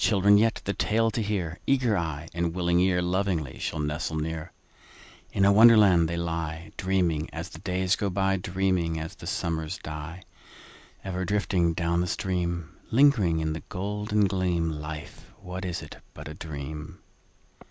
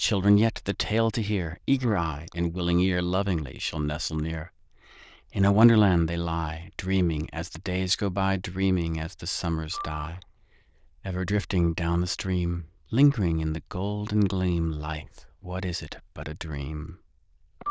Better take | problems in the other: first | noise reduction (neural diffusion model UNIVERSE++)

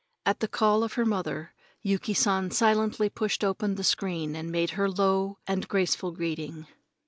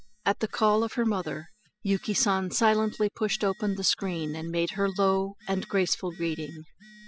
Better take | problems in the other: first | noise reduction (classical method spectral subtraction)

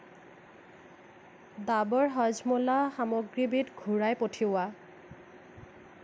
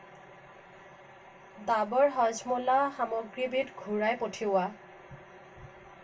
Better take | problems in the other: first | room echo; dies away in 0.1 s

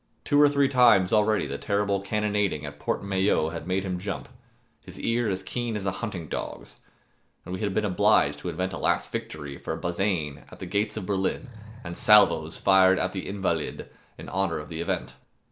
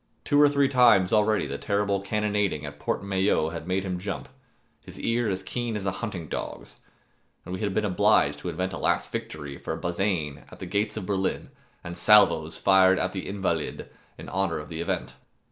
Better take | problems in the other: second | background sound (Animal); 19 dB below the speech

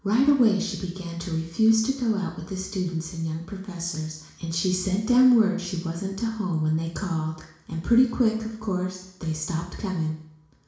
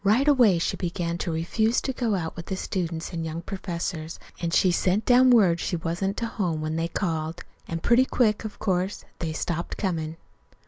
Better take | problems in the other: second | room echo; dies away in 0.7 s

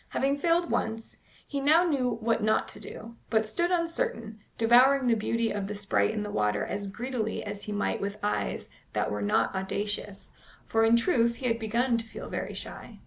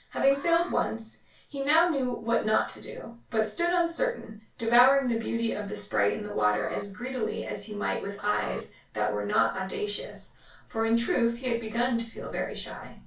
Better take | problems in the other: first | background sound (Alarm); 20 dB below the speech // room echo; dies away in 0.2 s

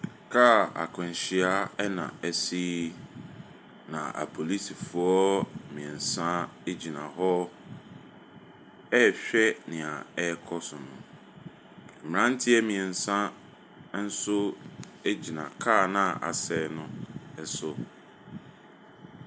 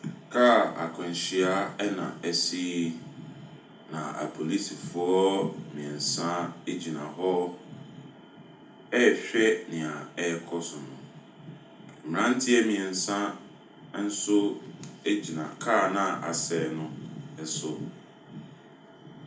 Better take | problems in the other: first | room echo; dies away in 0.3 s

